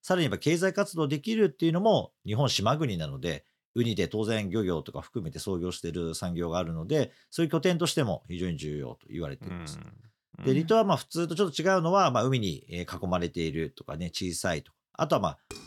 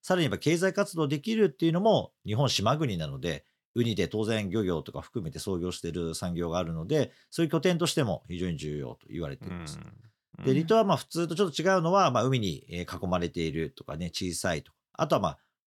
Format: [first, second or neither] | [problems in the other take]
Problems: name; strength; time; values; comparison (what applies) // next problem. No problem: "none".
second | clattering dishes; faint; at 15 s; peak 15 dB below the speech